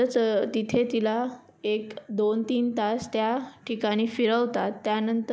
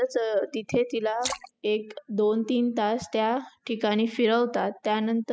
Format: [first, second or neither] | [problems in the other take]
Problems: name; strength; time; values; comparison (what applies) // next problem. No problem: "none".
first | noise reduction (classical method spectral subtraction)